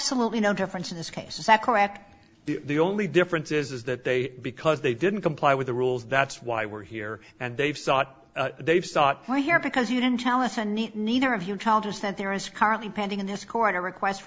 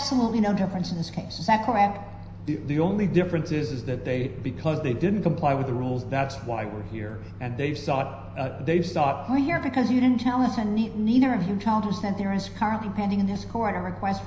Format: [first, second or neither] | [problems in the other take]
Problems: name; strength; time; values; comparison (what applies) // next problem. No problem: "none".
first | background sound (Microwave oven); 14 dB below the speech // room echo; dies away in 0.9 s